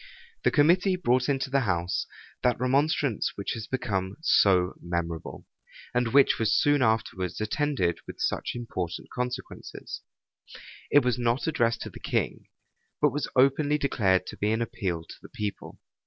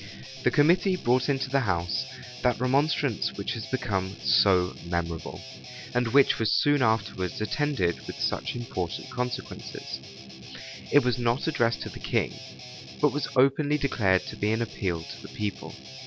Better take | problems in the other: first | background sound (Guitar); 15 dB below the speech

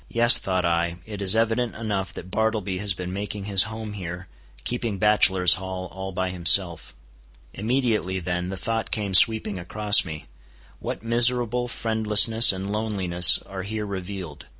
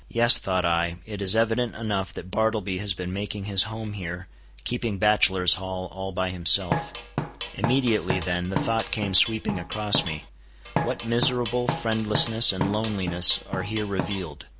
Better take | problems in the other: first | background sound (Drum kit); 4 dB below the speech

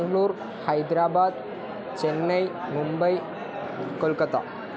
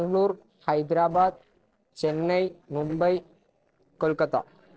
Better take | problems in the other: first | noise reduction (neural separator model SepFormer DNS4)

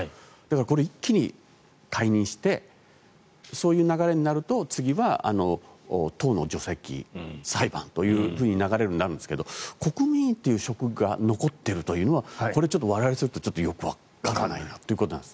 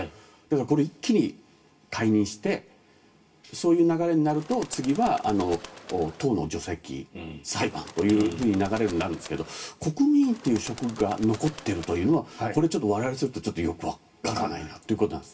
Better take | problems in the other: first | background sound (Bird); 17 dB below the speech // room echo; dies away in 0.2 s

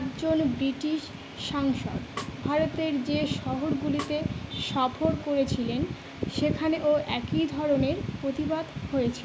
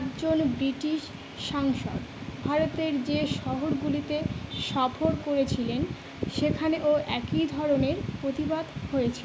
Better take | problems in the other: second | background sound (Snare drum); 17 dB below the speech

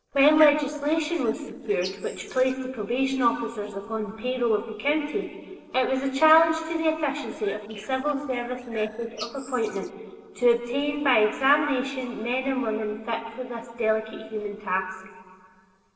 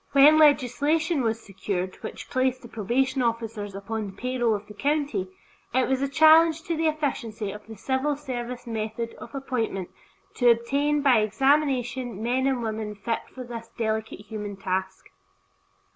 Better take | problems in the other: second | noise reduction (neural separator model SepFormer DNS4)

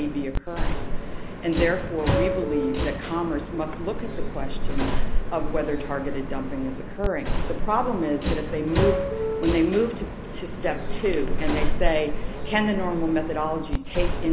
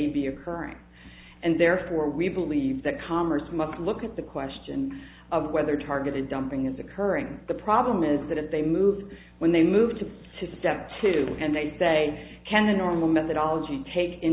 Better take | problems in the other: second | background sound (Subway, metro, underground); 2 dB above the speech

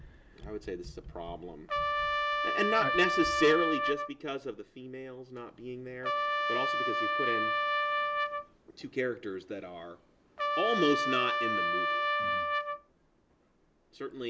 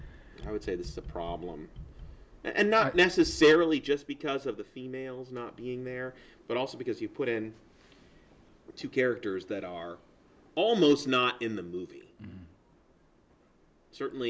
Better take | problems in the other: second | background sound (Trumpet); 2 dB above the speech

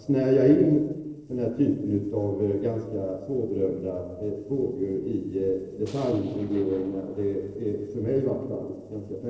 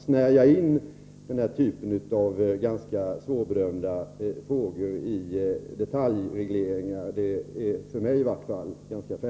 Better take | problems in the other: second | noise reduction (neural separator model SepFormer DNS4)

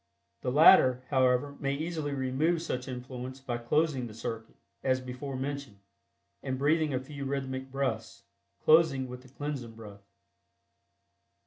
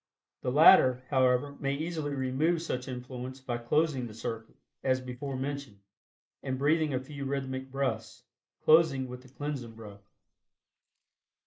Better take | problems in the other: first | noise reduction (neural mask model Resemble Enhance denoiser)

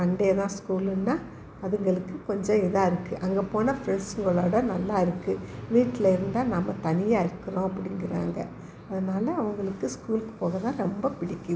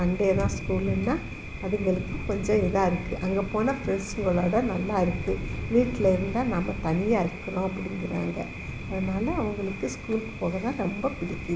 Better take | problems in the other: first | background sound (Thunder); 8 dB below the speech

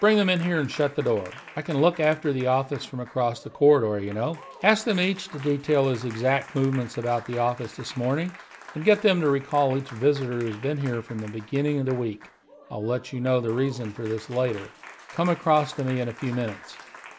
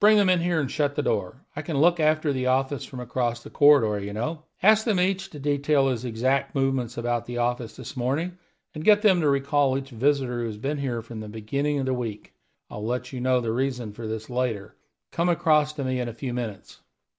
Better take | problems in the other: second | background sound (Applause); 20 dB below the speech

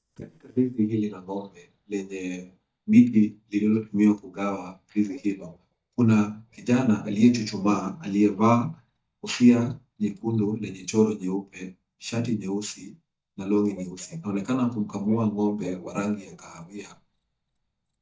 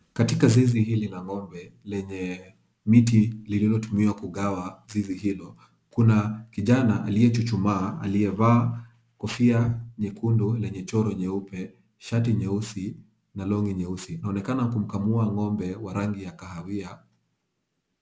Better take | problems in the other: second | noise reduction (neural mask model DeepFilterNet 3)

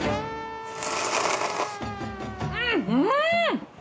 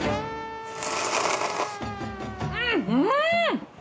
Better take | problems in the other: second | background sound (Telephone); 20 dB below the speech

